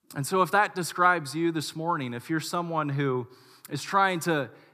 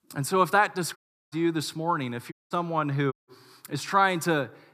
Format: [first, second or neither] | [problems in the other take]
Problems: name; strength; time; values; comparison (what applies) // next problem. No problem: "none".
first | audio cutting out; at 1 s, at 2.5 s and at 3 s